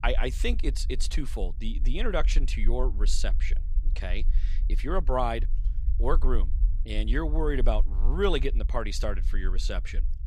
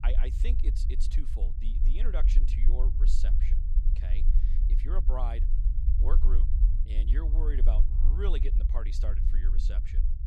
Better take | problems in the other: first | low rumble; loud; throughout; 6 dB below the speech; faint in the first

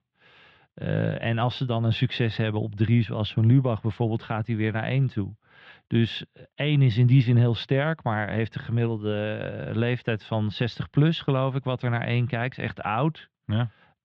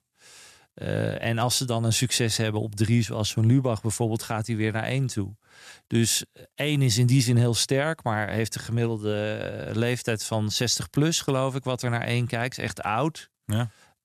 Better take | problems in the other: second | muffled; very; fading above 3.5 kHz

